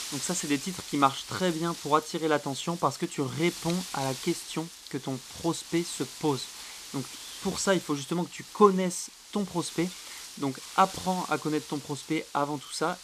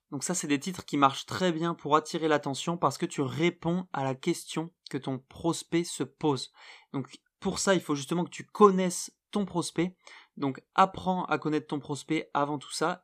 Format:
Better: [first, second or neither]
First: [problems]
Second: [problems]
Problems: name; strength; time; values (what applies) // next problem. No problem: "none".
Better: second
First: wind noise on the microphone; occasional gusts; 10 dB below the speech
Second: none